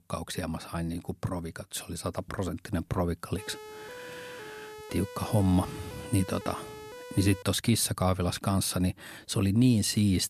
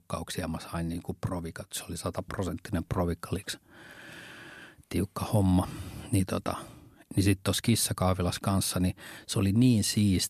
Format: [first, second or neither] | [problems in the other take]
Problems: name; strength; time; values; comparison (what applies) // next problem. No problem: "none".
second | siren; faint; from 3.5 to 7.5 s; peak 15 dB below the speech